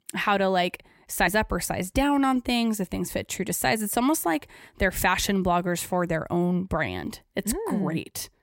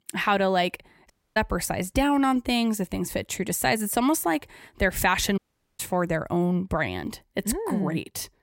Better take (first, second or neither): first